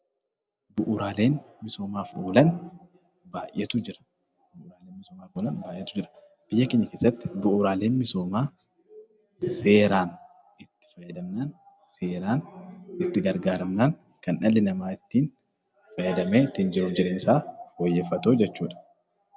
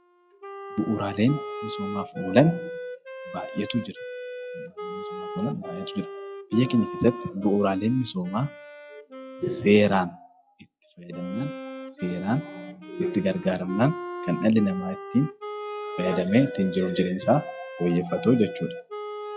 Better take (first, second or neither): first